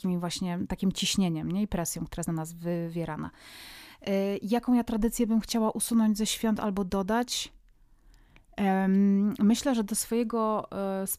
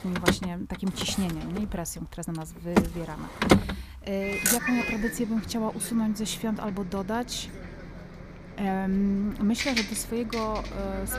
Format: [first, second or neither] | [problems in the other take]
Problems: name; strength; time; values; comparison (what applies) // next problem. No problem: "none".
first | traffic noise; very loud; throughout; as loud as the speech